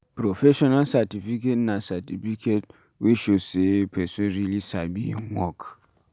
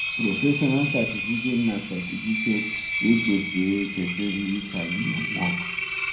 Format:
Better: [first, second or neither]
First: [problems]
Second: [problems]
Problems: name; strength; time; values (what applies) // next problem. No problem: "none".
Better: first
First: none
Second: background sound (Engine); 4 dB below the speech // room echo; dies away in 0.6 s